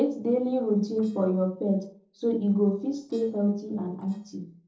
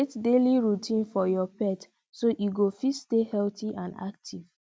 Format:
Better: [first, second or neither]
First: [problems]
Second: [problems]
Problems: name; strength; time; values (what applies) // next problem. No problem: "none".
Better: second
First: noise reduction (neural separator model SepFormer DNS4)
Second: none